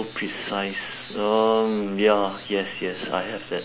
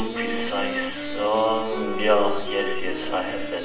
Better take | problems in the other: first | background sound (Wind instrument, woodwind instrument); 8 dB below the speech // room echo; dies away in 0.8 s

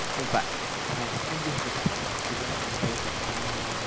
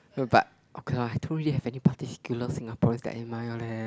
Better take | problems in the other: second | background sound (Rain); 4 dB above the speech

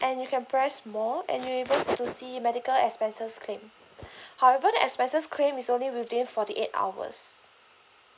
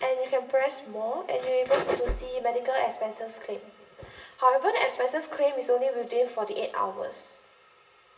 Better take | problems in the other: first | background sound (Bass drum); 7 dB below the speech // room echo; dies away in 0.8 s

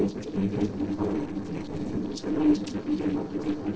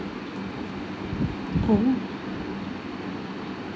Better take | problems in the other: second | noise reduction (neural separator model SepFormer DNS4)

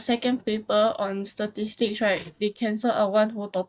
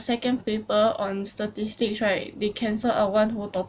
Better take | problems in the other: second | noise reduction (neural mask model DeepFilterNet 3)

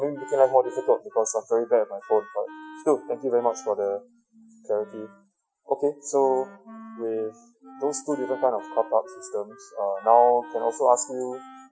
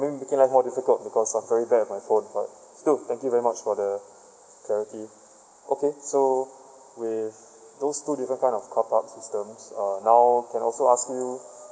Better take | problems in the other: second | noise reduction (classical method Wiener filter)

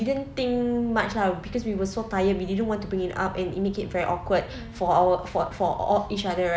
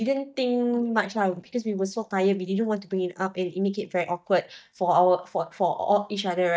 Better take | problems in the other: first | noise reduction (neural mask model DeepFilterNet 3)

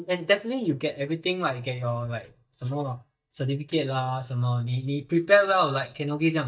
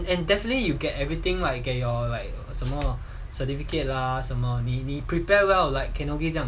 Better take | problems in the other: second | noise reduction (neural mask model DeepFilterNet 3)

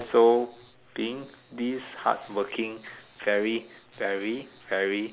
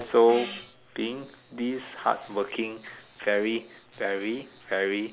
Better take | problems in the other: first | background sound (Gong); 15 dB below the speech

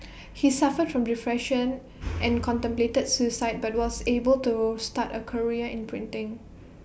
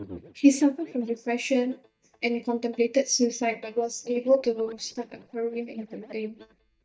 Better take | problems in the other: first | noise reduction (neural mask model DeepFilterNet 3)

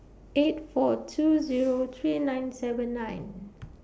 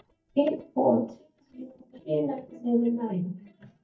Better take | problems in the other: first | noise reduction (neural mask model DeepFilterNet 3)

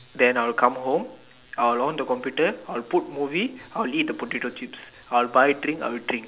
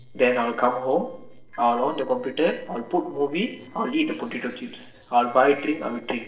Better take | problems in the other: first | noise reduction (neural separator model SepFormer DNS4)

